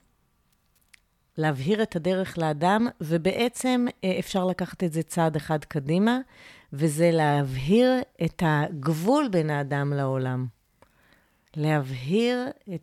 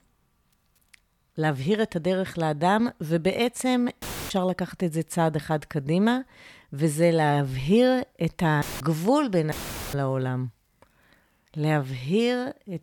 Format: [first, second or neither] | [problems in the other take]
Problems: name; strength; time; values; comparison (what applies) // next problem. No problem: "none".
first | audio cutting out; filled with static; at 4 s, at 8.5 s and at 9.5 s